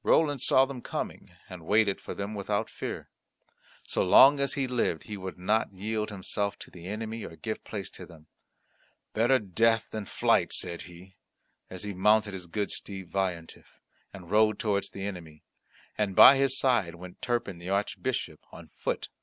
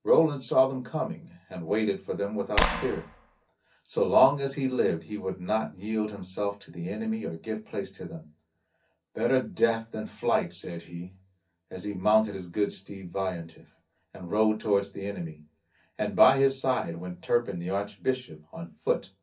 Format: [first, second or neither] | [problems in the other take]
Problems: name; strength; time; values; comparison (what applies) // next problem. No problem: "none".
first | background sound (Clapping); 1 dB below the speech // room echo; dies away in 0.3 s